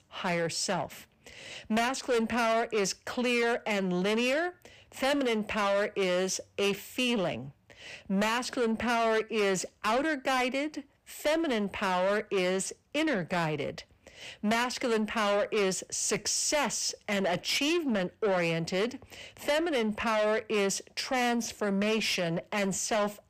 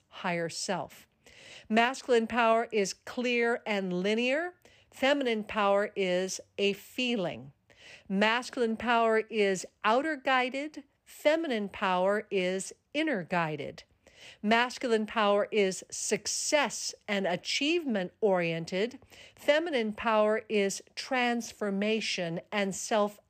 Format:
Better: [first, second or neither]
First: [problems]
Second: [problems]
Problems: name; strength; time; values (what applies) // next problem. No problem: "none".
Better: second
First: distortion; heavy; 8 dB below the speech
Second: none